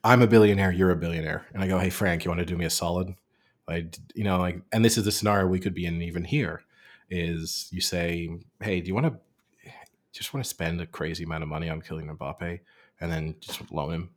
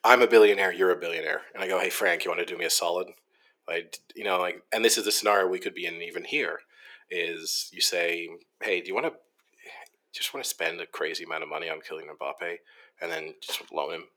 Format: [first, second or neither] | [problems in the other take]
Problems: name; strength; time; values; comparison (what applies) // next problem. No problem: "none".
first | thin; very; fading below 400 Hz